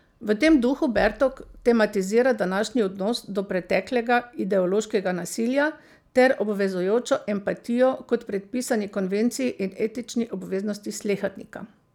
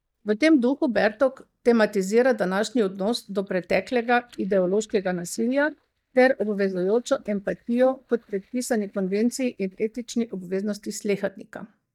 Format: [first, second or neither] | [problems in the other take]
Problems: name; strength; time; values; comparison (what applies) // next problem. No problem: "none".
first | noise reduction (neural mask model DeepFilterNet 3)